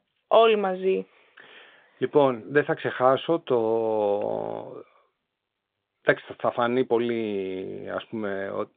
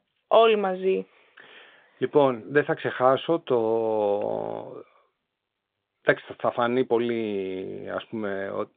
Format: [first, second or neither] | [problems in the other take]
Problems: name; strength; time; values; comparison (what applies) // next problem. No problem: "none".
neither | phone-call audio; the same in both